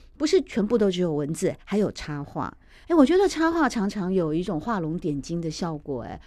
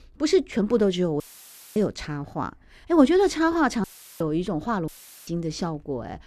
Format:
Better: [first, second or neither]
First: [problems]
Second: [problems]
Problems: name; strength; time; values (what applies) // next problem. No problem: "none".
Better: first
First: none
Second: audio cutting out; filled with static; at 1 s for 0.5 s, at 4 s and at 5 s